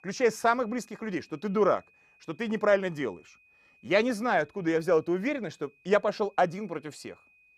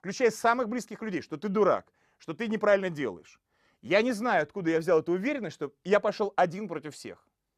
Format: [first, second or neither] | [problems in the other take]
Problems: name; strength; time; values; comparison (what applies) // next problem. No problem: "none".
second | high-pitched whine; faint; throughout; 2.5 kHz, 30 dB below the speech